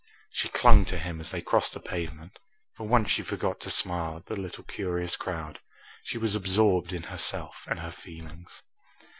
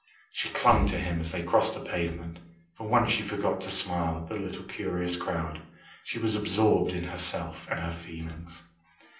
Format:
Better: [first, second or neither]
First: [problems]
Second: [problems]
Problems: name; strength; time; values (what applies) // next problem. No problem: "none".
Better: first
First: none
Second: room echo; dies away in 0.6 s